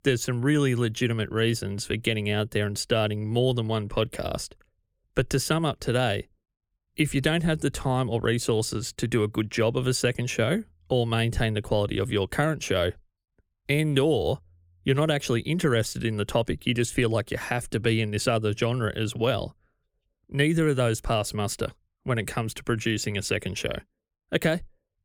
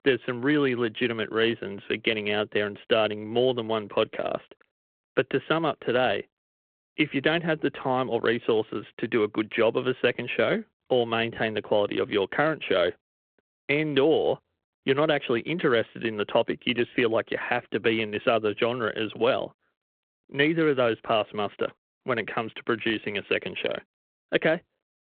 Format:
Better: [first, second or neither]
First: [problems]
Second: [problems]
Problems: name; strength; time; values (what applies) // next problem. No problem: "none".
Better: first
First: none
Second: phone-call audio